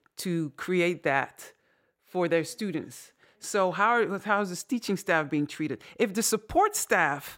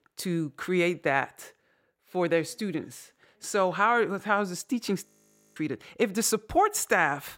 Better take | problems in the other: first | audio freezing; at 5 s for 0.5 s

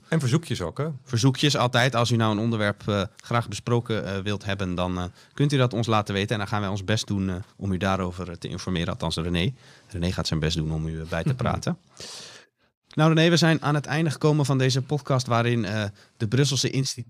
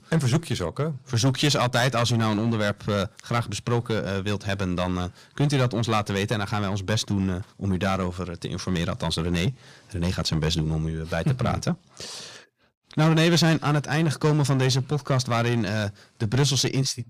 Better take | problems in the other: first | distortion; slight; 6% of the sound clipped

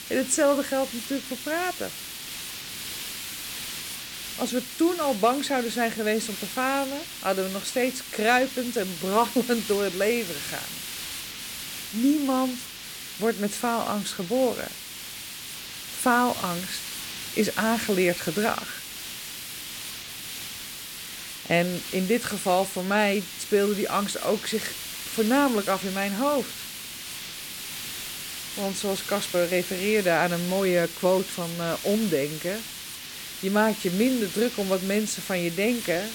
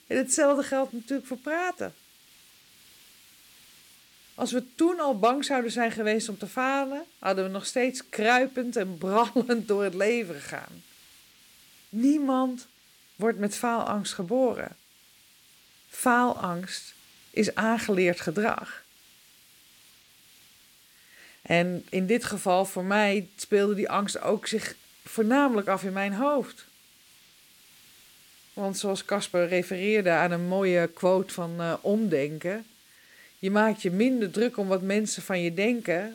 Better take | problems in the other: second | hiss; loud; throughout; 8 dB below the speech; faint in the second

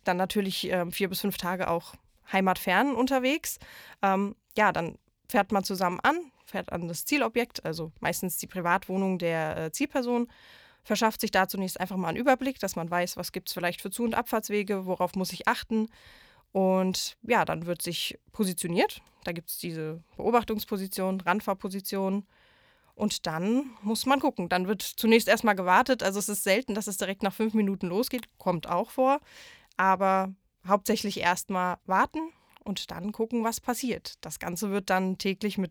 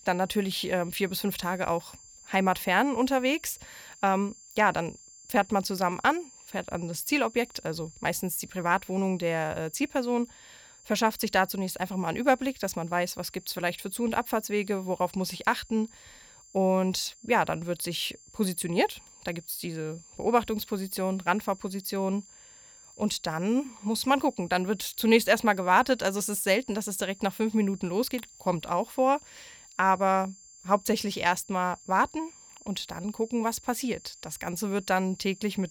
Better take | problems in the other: first | high-pitched whine; faint; throughout; 7.5 kHz, 20 dB below the speech

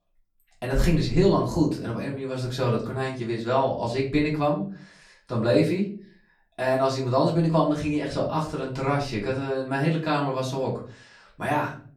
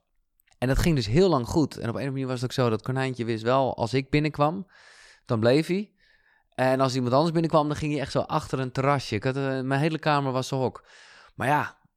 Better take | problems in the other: second | off-mic speech; far // room echo; slight; dies away in 0.4 s

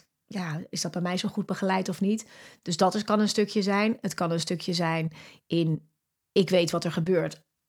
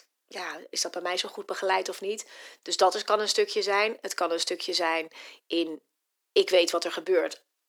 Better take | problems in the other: first | thin; very; fading below 350 Hz

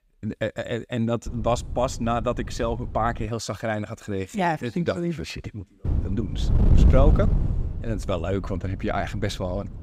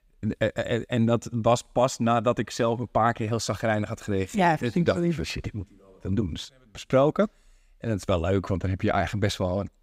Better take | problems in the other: second | wind noise on the microphone; heavy; from 1.5 to 3.5 s and from 6 s on; 10 dB below the speech

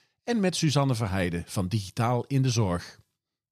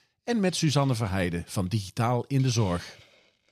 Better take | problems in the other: first | hiss; faint; throughout; 25 dB below the speech

